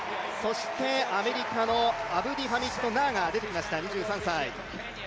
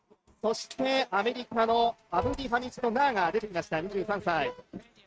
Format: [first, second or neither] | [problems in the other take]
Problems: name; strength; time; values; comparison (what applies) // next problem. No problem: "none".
first | noise reduction (neural mask model RNNoise)